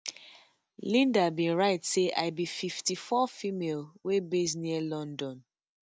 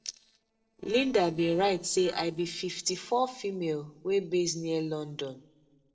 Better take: first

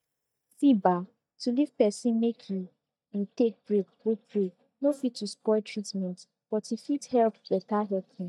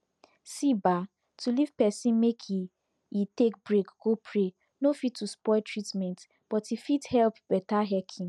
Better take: second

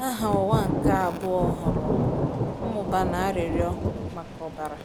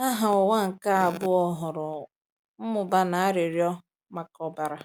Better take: second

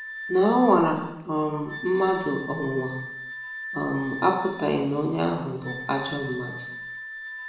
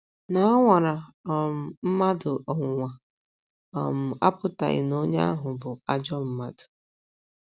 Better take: second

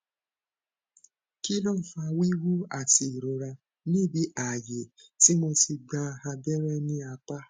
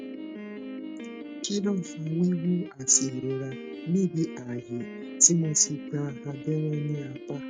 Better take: first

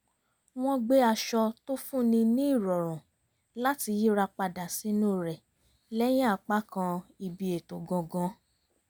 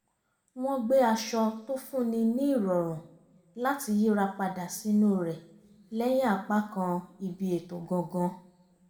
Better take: first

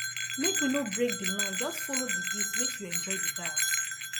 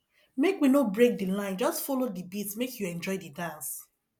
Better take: second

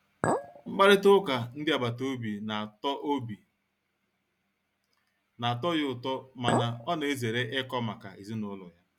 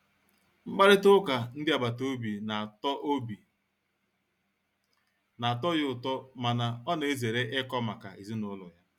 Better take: second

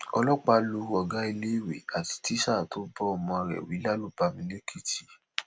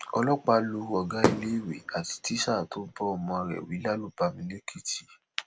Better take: first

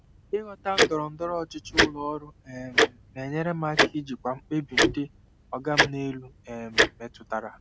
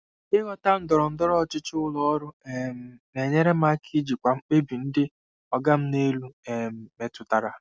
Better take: second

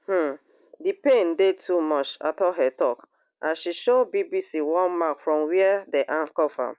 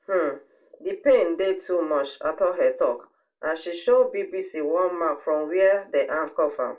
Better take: first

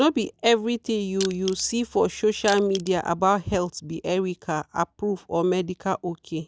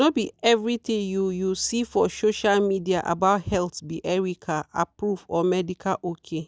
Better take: second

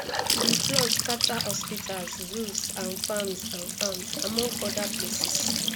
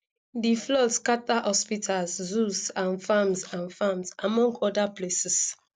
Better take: second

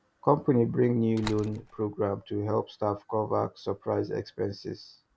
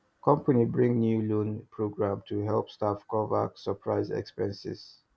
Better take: second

